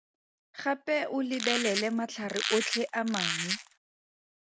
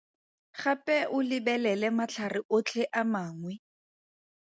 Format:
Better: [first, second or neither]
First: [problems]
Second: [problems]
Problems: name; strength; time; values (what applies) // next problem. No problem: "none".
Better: second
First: background sound (Squeak); 1 dB below the speech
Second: none